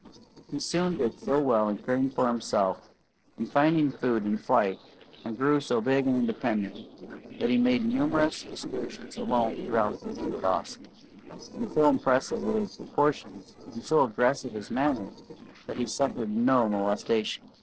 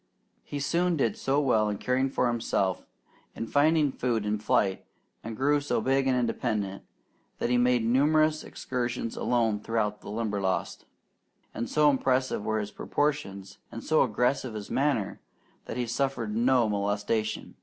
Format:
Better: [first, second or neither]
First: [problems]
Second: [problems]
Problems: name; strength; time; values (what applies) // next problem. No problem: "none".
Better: second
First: noise reduction (neural separator model SepFormer DNS4)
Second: none